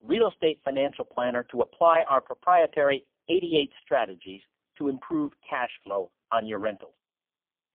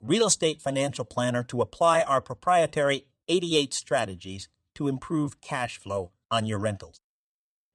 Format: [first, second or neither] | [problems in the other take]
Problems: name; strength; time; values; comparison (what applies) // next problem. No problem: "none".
second | phone-call audio; poor line; nothing above 3.5 kHz